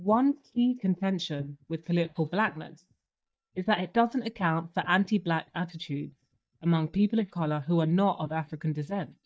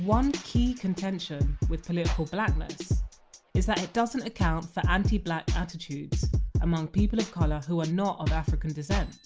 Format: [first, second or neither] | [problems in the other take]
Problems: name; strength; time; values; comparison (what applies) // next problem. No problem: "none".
second | noise reduction (neural mask model DeepFilterNet 3)